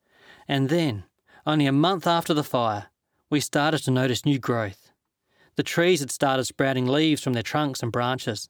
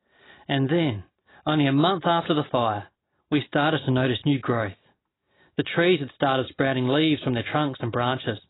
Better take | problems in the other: first | garbled, watery; badly; nothing above 4 kHz

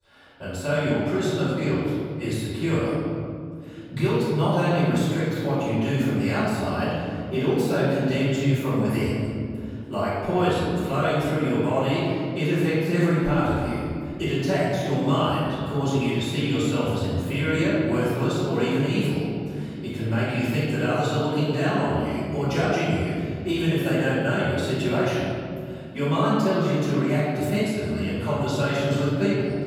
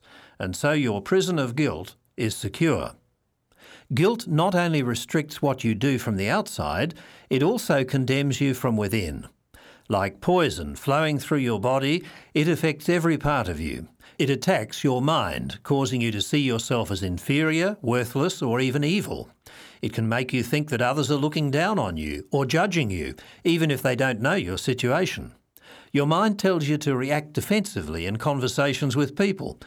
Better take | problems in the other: second | room echo; strong; dies away in 2.5 s // off-mic speech; far

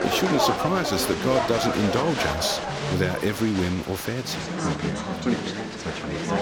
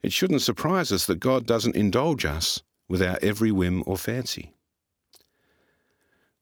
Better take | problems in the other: second | crowd noise; loud; throughout; 2 dB below the speech

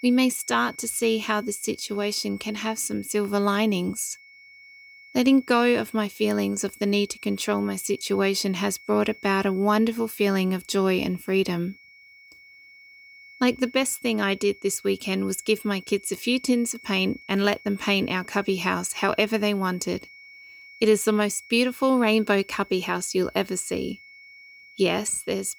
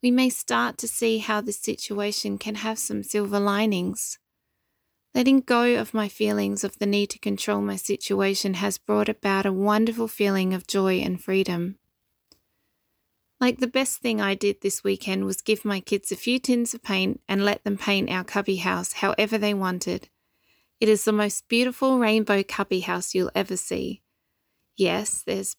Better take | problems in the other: second | high-pitched whine; faint; throughout; 2 kHz, 20 dB below the speech

